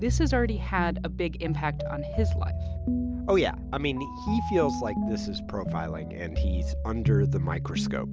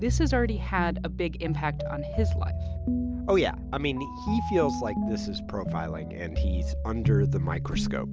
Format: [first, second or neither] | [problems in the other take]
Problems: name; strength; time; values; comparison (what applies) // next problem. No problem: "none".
first | background sound (Car); 11 dB below the speech